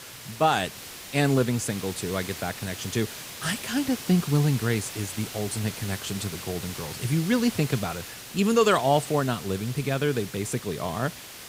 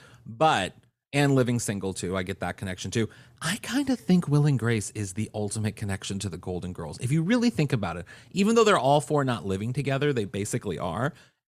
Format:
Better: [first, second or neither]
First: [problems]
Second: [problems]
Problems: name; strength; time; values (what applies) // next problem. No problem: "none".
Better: second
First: hiss; noticeable; throughout; 10 dB below the speech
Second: none